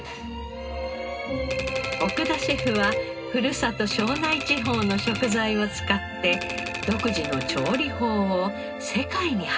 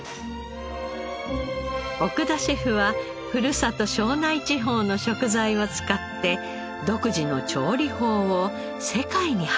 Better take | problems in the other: second | background sound (Typewriter); 9 dB below the speech // room echo; dies away in 0.2 s

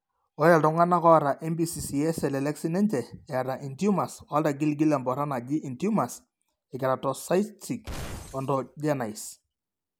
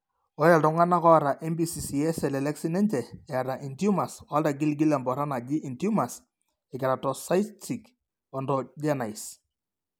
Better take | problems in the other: second | background sound (Glass); 13 dB below the speech

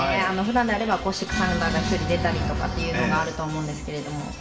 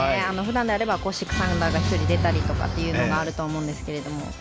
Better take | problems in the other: second | room echo; dies away in 0.9 s

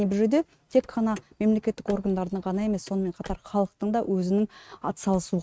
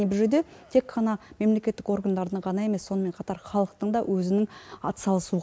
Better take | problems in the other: second | noise reduction (neural mask model RNNoise)

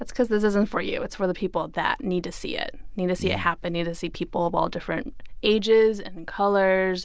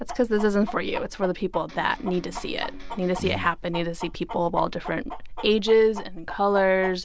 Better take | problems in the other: first | background sound (Chicken, rooster + Electric guitar); 15 dB below the speech

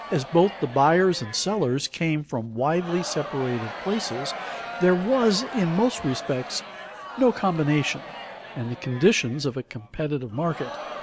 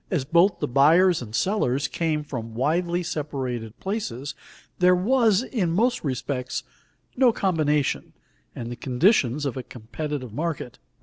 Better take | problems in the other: second | background sound (Crowd); 13 dB below the speech

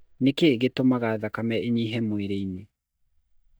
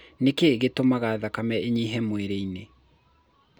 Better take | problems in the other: second | noise reduction (neural mask model DeepFilterNet 3)

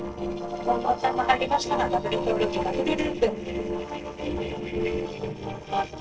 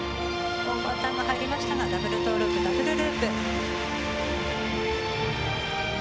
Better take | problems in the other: second | noise reduction (neural separator model SepFormer DNS4)

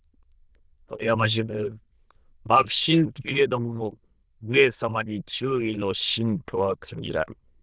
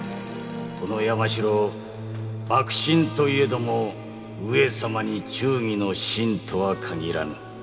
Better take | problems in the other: second | noise reduction (neural diffusion model UNIVERSE++)

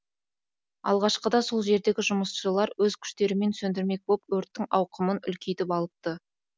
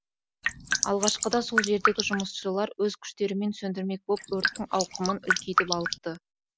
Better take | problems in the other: first | noise reduction (neural mask model Resemble Enhance denoiser)

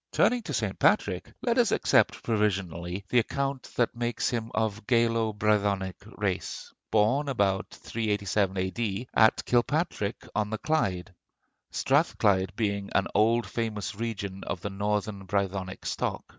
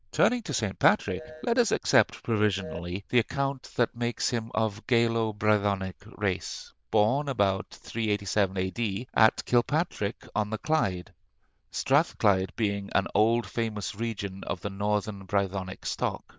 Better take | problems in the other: first | noise reduction (neural diffusion model UNIVERSE++)

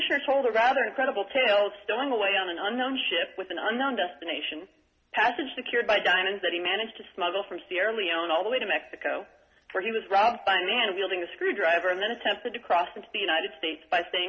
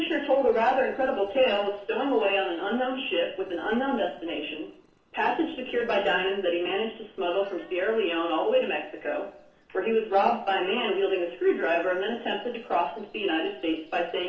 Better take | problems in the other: first | noise reduction (neural separator model SepFormer DNS4)

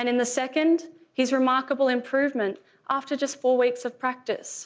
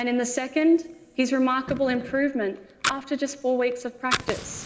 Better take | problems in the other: first | background sound (Fire); 10 dB below the speech // room echo; dies away in 2.1 s

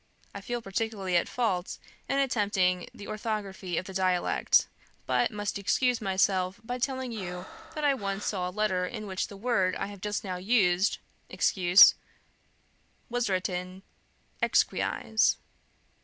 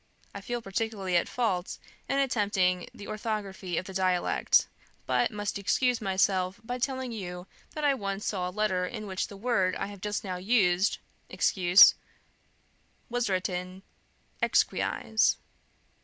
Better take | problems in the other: second | background sound (Breathing); 16 dB below the speech

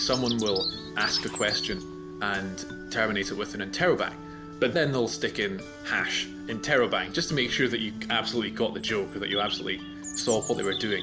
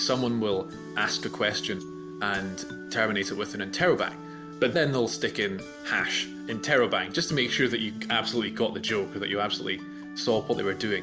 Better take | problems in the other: second | background sound (Bird vocalization, bird call, bird song + Bird); 11 dB below the speech

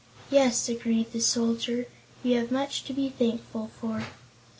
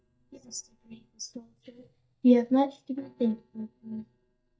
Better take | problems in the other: first | noise reduction (neural mask model DeepFilterNet 3)

